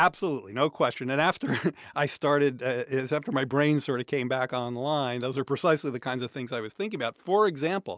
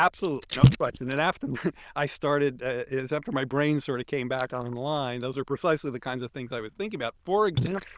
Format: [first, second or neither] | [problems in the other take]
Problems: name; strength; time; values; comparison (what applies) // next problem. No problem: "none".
first | noise reduction (neural diffusion model UNIVERSE++)